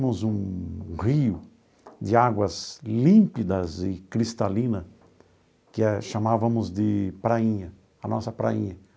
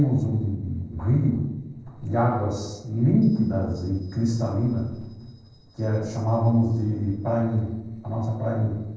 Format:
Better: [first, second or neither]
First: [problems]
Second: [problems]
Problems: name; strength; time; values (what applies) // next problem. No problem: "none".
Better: first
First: none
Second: noise reduction (neural separator model SepFormer DNS4)